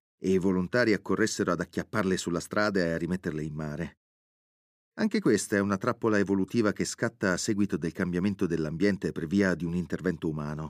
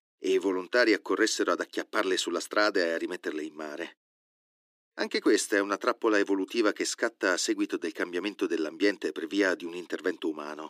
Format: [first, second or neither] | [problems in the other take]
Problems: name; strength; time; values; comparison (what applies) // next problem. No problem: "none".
first | thin; somewhat; fading below 300 Hz